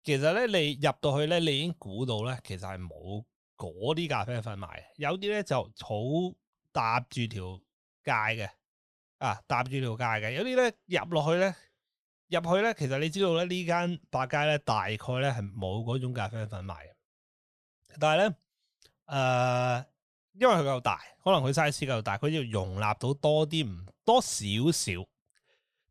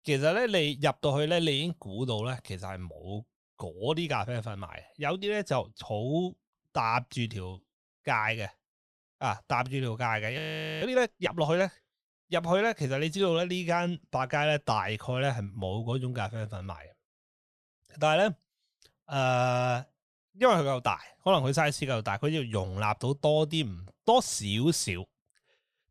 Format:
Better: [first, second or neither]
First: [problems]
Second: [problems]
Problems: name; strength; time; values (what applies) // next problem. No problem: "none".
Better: first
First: none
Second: audio freezing; at 10 s